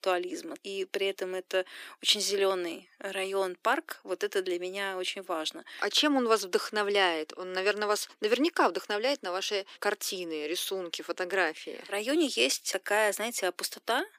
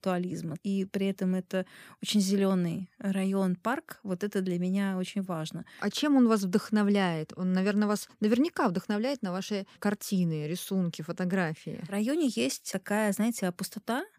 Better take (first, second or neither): second